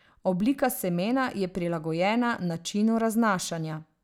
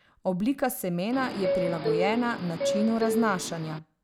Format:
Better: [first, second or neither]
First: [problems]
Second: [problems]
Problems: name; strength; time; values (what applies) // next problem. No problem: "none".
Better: first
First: none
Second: background sound (Subway, metro, underground); 2 dB below the speech